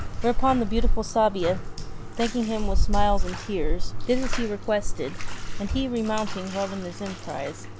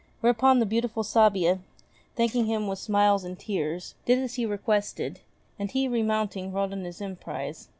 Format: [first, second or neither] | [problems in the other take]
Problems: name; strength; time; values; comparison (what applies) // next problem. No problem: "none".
second | background sound (Bathtub (filling or washing)); 3 dB above the speech